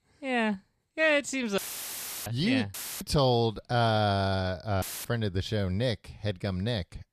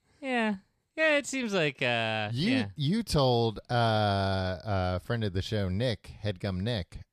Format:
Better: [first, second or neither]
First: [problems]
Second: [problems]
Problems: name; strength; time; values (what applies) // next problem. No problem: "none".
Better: second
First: audio cutting out; filled with static; at 1.5 s for 0.5 s, at 2.5 s and at 5 s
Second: none